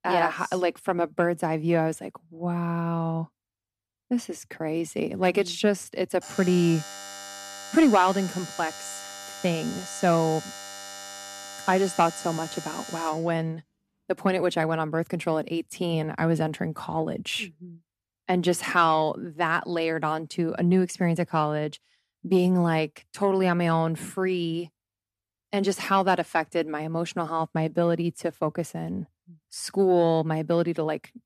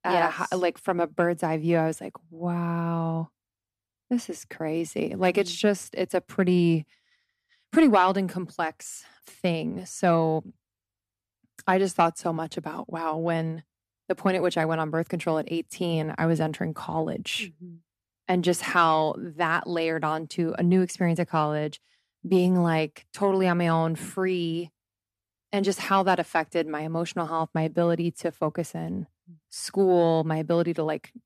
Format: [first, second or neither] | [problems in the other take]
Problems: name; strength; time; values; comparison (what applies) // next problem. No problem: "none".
second | alarm; faint; from 6 to 13 s; peak 10 dB below the speech